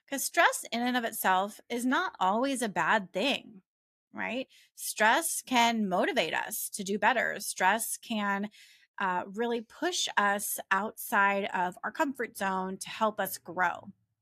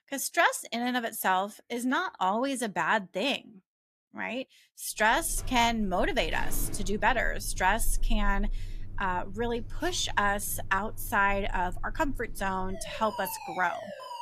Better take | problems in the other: first | alarms or sirens; noticeable; from 5 s on; 10 dB below the speech

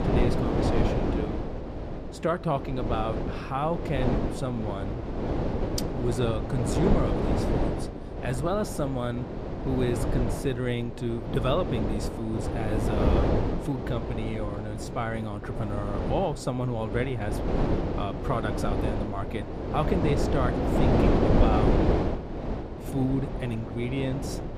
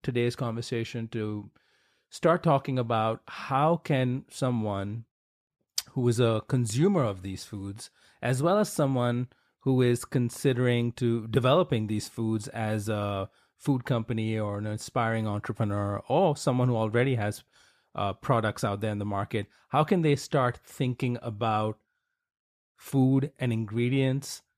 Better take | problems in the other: second | wind noise on the microphone; heavy; as loud as the speech

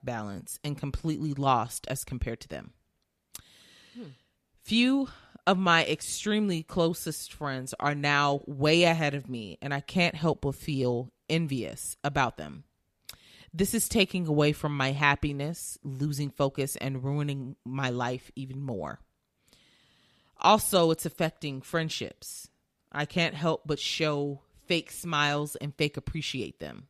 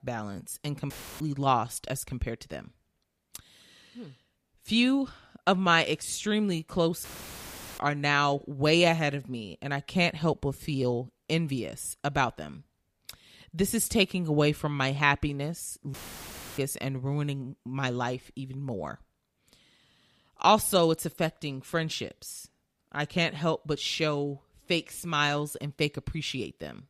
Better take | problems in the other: first | audio cutting out; filled with static; at 1 s, at 7 s for 0.5 s and at 16 s for 0.5 s

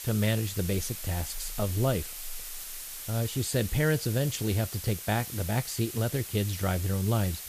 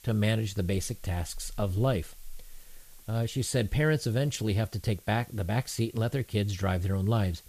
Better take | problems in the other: second | hiss; loud; throughout; 8 dB below the speech; faint in the second

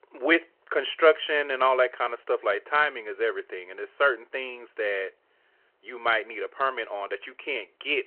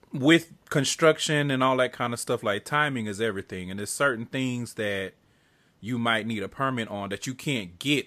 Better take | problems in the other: second | phone-call audio

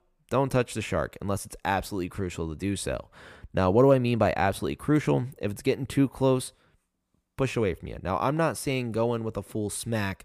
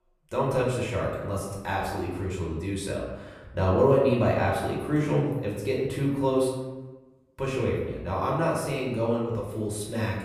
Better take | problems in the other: first | room echo; noticeable; dies away in 0.9 s // off-mic speech; far

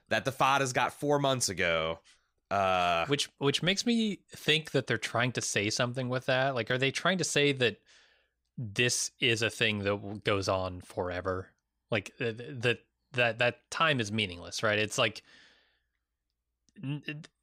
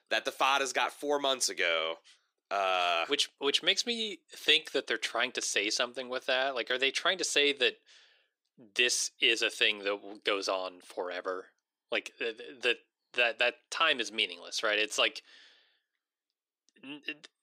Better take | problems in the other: first | thin; somewhat; fading below 350 Hz

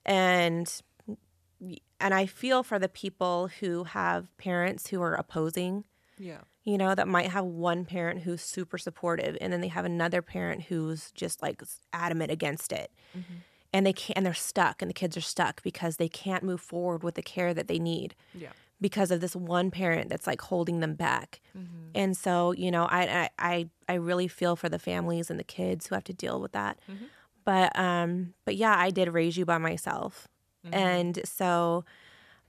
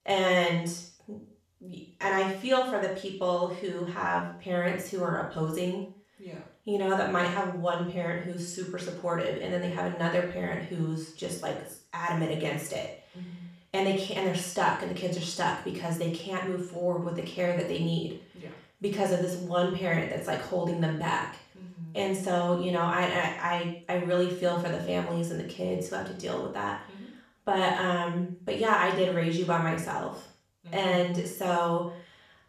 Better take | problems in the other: first | room echo; noticeable; dies away in 0.5 s // off-mic speech; far

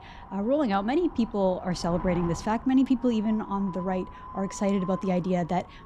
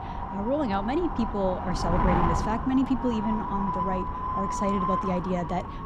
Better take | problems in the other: first | wind noise on the microphone; heavy; 2 dB above the speech; occasional gusts in the first

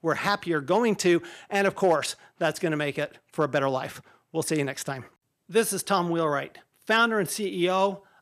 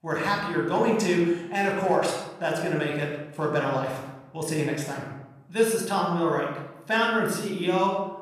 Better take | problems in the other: first | off-mic speech; somewhat distant // room echo; noticeable; dies away in 0.8 s

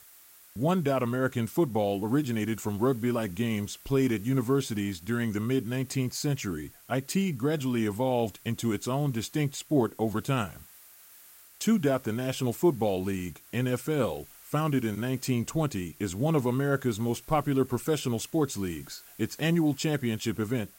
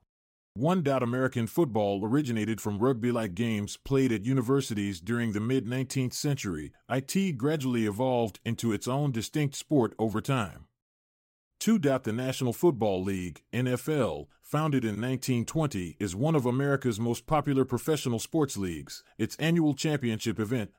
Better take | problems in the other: second | hiss; faint; throughout; 20 dB below the speech

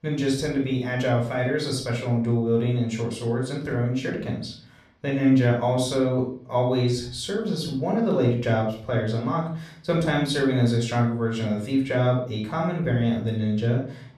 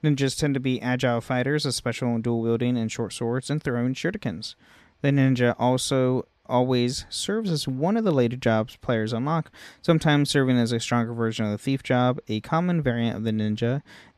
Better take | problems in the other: second | off-mic speech; far // room echo; noticeable; dies away in 0.4 s

